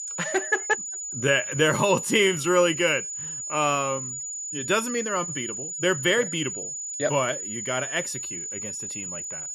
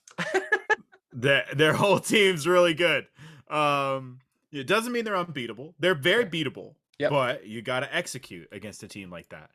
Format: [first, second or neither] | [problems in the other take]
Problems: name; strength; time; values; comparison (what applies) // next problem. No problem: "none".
second | high-pitched whine; loud; throughout; 7 kHz, 6 dB below the speech